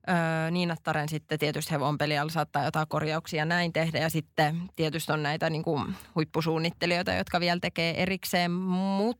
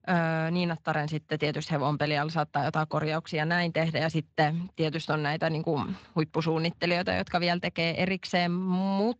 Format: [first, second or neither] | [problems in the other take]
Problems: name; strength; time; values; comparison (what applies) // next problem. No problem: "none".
first | garbled, watery; slightly; nothing above 7.5 kHz